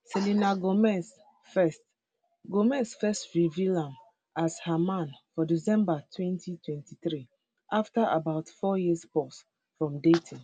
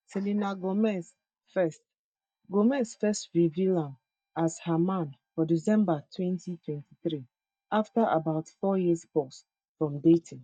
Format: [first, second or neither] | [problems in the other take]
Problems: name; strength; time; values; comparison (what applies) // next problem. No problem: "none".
first | noise reduction (neural mask model DeepFilterNet 3)